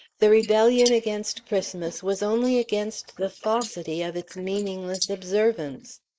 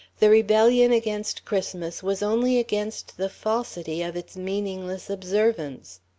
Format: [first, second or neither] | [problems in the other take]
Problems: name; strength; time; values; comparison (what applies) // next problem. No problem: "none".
second | noise reduction (neural mask model Resemble Enhance denoiser)